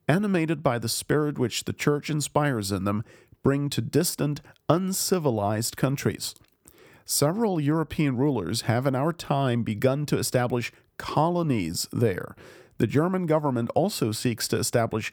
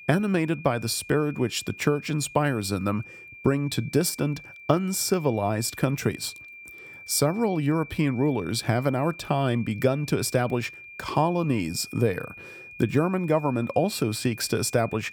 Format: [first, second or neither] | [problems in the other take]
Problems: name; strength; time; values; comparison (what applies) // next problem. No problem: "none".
first | high-pitched whine; noticeable; throughout; 2.5 kHz, 15 dB below the speech